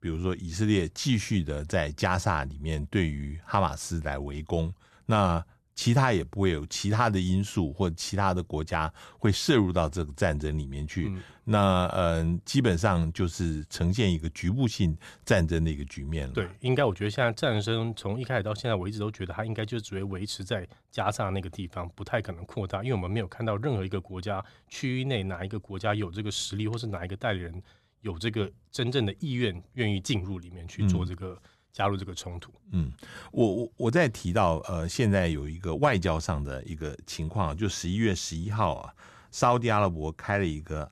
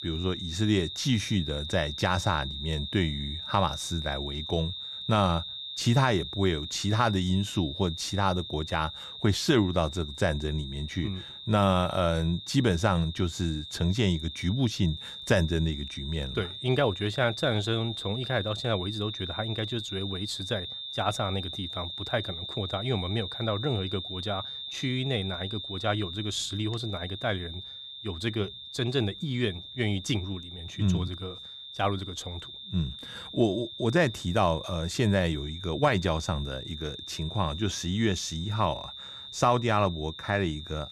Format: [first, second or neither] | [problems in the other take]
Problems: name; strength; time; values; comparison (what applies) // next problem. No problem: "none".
first | high-pitched whine; loud; throughout; 3.5 kHz, 8 dB below the speech